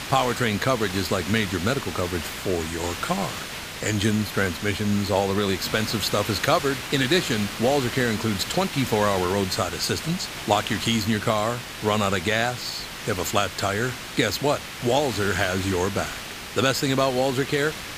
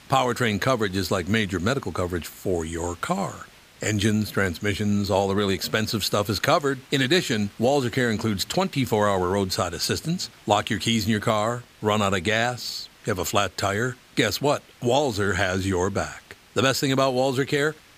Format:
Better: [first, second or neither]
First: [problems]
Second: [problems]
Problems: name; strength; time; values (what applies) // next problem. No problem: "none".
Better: second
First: hiss; loud; throughout; 8 dB below the speech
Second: hiss; faint; throughout; 25 dB below the speech